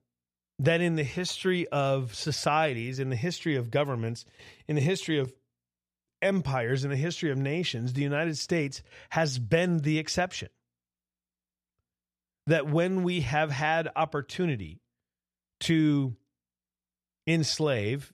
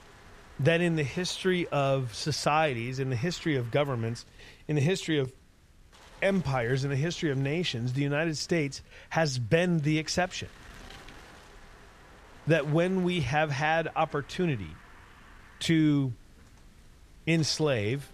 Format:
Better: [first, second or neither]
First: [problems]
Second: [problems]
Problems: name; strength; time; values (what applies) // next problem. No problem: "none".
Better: first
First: none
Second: wind noise on the microphone; occasional gusts; 25 dB below the speech